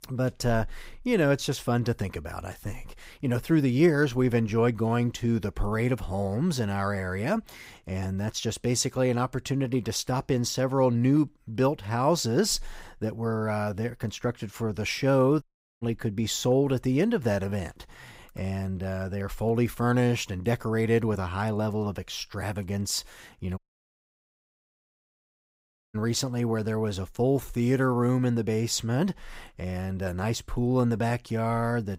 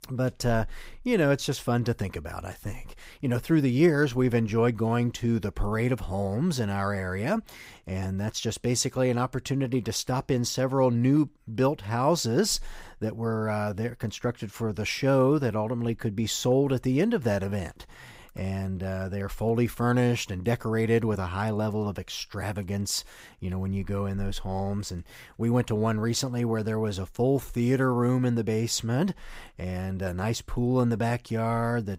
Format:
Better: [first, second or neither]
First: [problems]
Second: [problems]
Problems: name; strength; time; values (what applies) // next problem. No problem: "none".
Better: second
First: audio cutting out; at 15 s and at 24 s for 2.5 s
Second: none